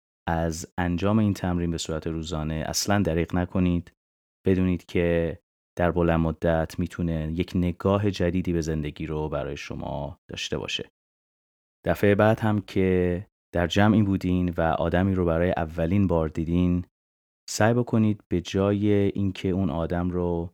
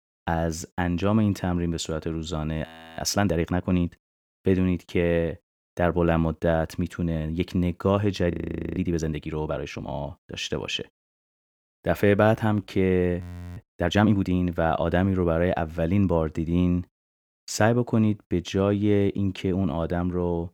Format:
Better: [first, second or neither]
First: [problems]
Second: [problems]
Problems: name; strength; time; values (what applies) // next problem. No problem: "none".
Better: first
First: none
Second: audio freezing; at 2.5 s, at 8.5 s and at 13 s